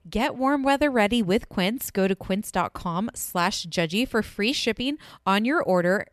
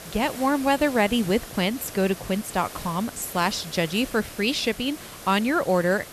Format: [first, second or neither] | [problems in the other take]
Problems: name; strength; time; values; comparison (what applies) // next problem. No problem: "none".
first | hiss; noticeable; throughout; 15 dB below the speech